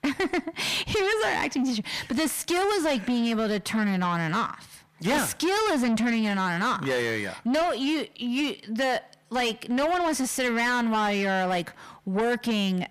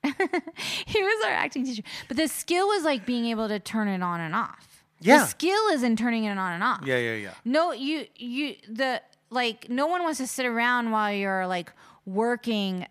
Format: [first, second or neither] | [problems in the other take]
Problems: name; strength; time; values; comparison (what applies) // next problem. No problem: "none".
second | distortion; heavy; 5 dB below the speech